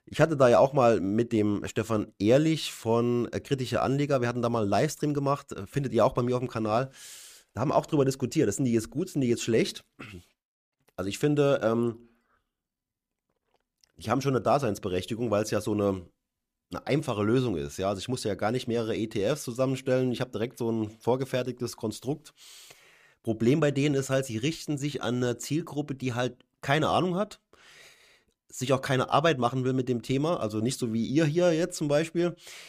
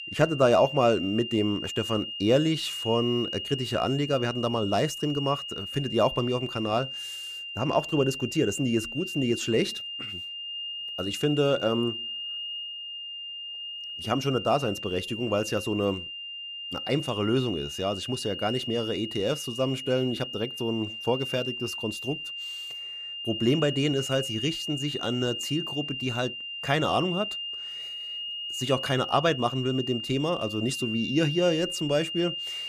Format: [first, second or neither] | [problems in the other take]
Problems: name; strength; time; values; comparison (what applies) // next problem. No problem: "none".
first | high-pitched whine; loud; throughout; 3 kHz, 6 dB below the speech